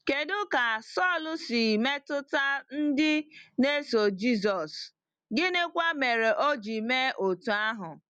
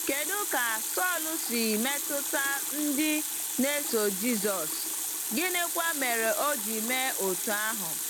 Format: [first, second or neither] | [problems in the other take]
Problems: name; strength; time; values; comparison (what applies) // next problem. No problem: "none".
first | background sound (Water tap, faucet); 1 dB below the speech